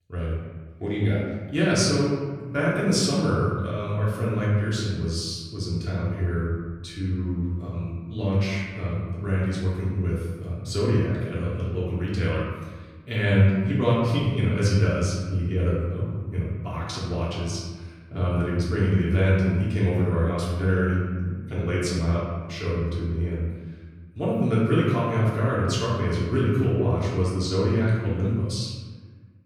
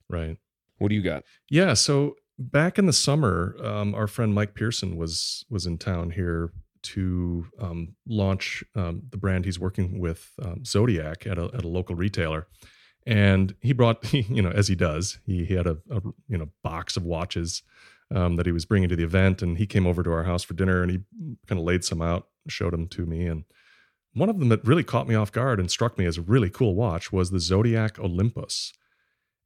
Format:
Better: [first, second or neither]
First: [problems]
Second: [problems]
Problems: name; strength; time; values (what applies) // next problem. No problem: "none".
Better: second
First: room echo; noticeable; dies away in 1.3 s // off-mic speech; far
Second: none